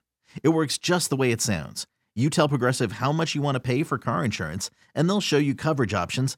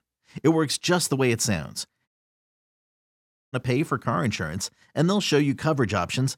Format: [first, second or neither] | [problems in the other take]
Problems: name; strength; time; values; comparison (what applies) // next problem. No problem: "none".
first | audio cutting out; at 2 s for 1.5 s